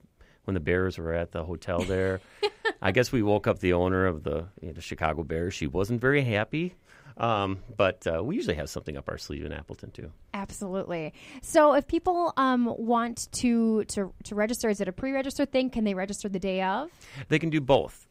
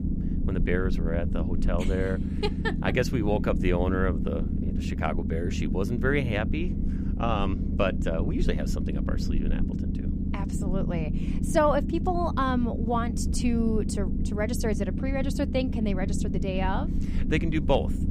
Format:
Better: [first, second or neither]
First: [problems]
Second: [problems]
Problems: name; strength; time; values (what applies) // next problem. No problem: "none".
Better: first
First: none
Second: low rumble; loud; throughout; 8 dB below the speech